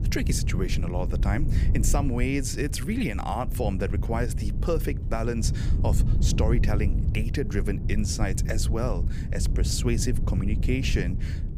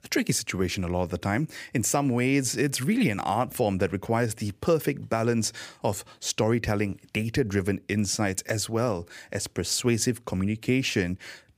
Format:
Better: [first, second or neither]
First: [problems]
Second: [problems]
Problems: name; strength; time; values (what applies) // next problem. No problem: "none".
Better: second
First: wind noise on the microphone; heavy; 10 dB below the speech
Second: none